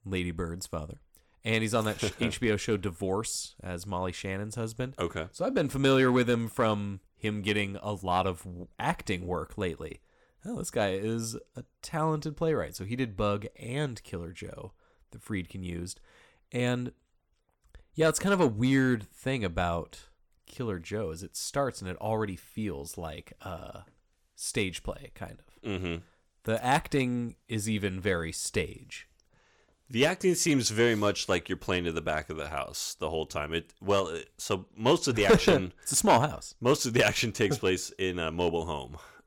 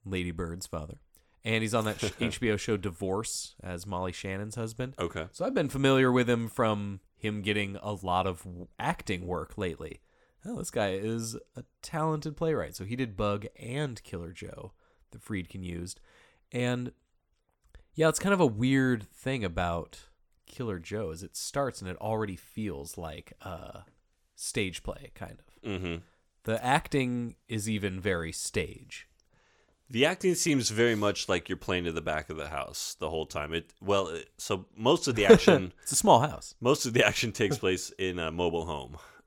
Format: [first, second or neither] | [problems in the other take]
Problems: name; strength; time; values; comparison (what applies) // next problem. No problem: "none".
second | distortion; slight; 0.7% of the sound clipped